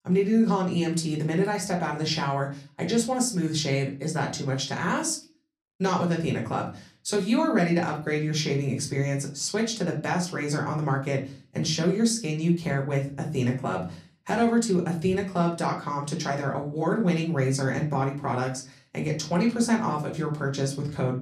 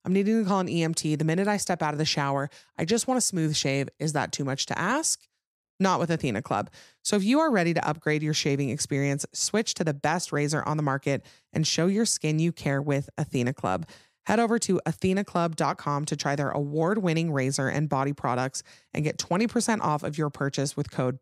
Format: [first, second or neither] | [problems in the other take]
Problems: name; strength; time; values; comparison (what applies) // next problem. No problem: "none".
second | off-mic speech; far // room echo; very slight; dies away in 0.3 s